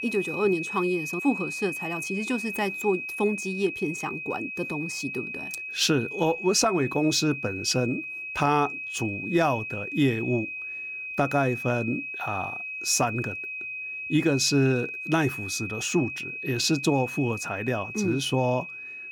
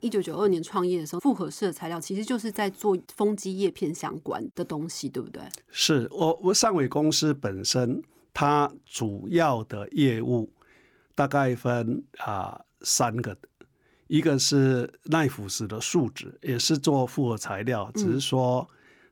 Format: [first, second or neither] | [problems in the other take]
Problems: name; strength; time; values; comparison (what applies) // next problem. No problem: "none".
second | high-pitched whine; loud; throughout; 2.5 kHz, 6 dB below the speech